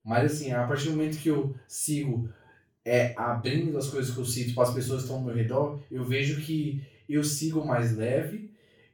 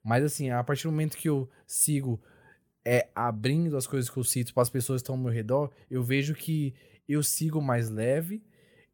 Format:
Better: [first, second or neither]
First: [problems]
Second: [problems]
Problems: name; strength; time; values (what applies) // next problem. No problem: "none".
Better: second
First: room echo; noticeable; dies away in 0.3 s // off-mic speech; far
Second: none